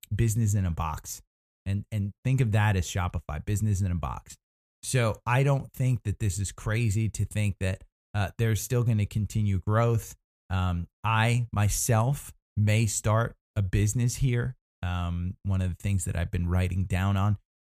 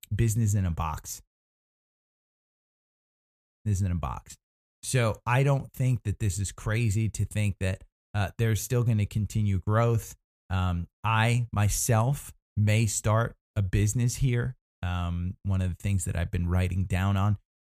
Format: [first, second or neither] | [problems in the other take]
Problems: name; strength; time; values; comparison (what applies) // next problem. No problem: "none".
first | audio cutting out; at 1.5 s for 2 s